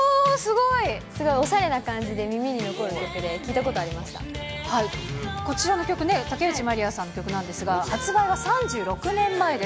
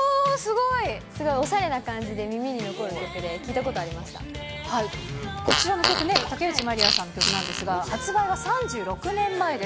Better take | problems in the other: first | background sound (Fart); 1 dB below the speech

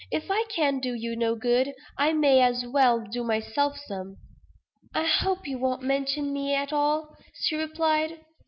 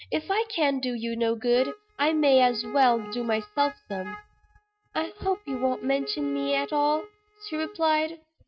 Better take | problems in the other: first | noise reduction (neural mask model RNNoise)

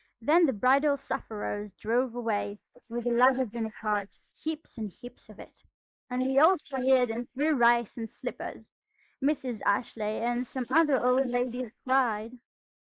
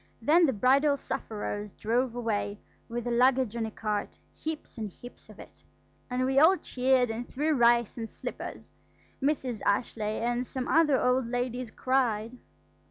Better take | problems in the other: second | noise reduction (neural mask model Resemble Enhance denoiser)

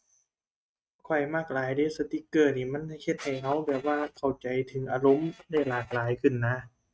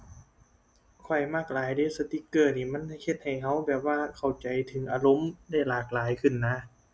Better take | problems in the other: second | noise reduction (neural mask model RNNoise)

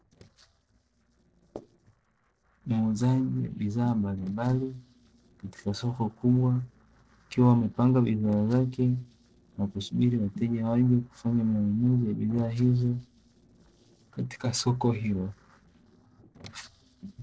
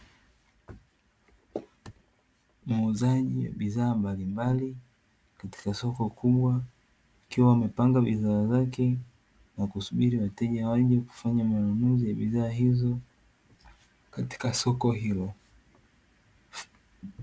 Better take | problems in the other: second | noise reduction (neural separator model SepFormer DNS4)

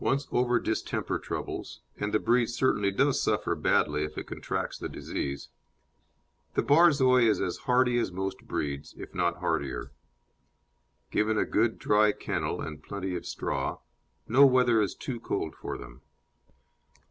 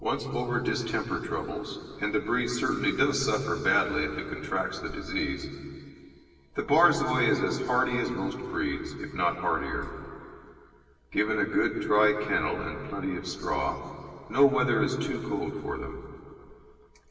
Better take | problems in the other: first | room echo; dies away in 2.6 s

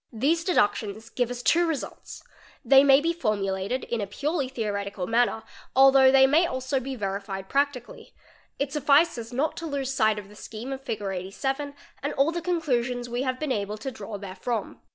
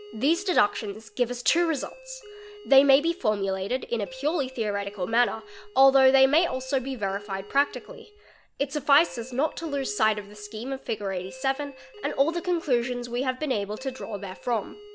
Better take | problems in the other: first | background sound (Doorbell); 20 dB below the speech

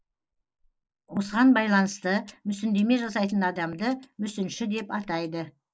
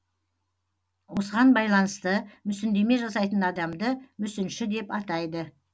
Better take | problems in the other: second | noise reduction (neural mask model Resemble Enhance denoiser)

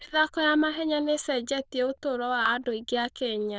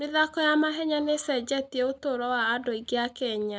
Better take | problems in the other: second | noise reduction (neural diffusion model UNIVERSE++)

